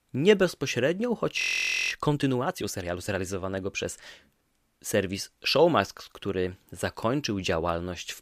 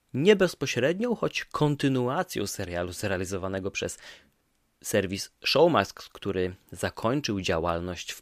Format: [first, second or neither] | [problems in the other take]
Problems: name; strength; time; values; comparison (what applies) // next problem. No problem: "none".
second | audio freezing; at 1.5 s for 0.5 s